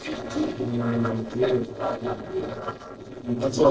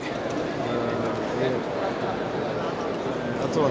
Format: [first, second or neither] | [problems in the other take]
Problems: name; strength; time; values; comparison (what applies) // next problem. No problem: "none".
second | noise reduction (neural separator model SepFormer DNS4)